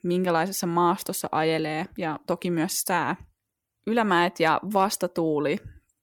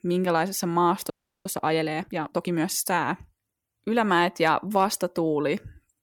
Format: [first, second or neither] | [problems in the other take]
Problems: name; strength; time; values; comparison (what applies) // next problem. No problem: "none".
first | audio freezing; at 1 s